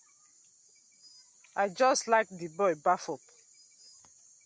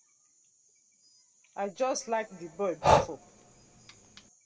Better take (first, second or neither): first